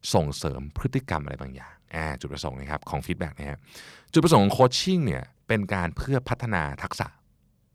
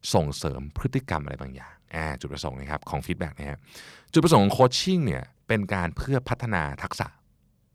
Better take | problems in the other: neither | none

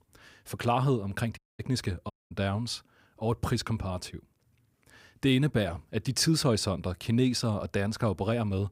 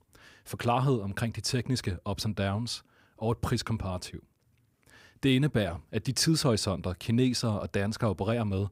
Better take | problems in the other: second | audio cutting out; at 1.5 s and at 2 s

